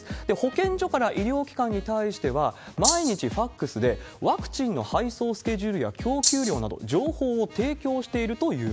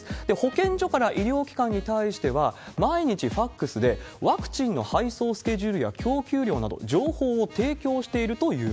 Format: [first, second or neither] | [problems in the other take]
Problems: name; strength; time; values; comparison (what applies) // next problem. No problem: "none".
second | background sound (Rattle (instrument)); 1 dB above the speech